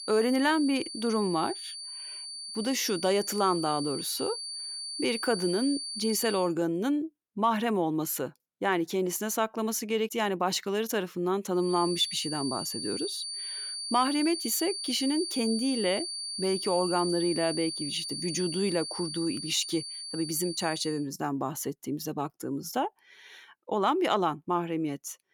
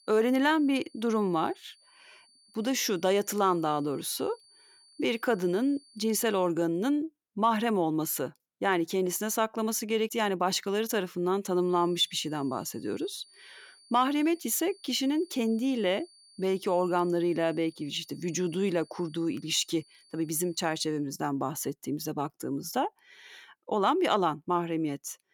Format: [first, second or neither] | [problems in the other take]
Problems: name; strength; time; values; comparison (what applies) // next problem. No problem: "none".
second | high-pitched whine; loud; until 6.5 s and from 12 to 21 s; 4.5 kHz, 5 dB below the speech; faint in the second